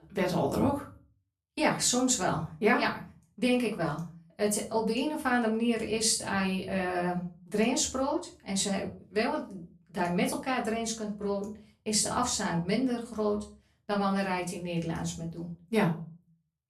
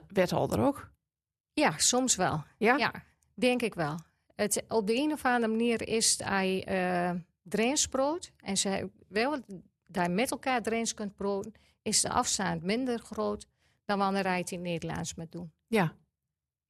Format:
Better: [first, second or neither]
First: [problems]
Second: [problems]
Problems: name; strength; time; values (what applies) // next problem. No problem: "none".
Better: second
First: off-mic speech; far // room echo; slight; dies away in 0.3 s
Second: none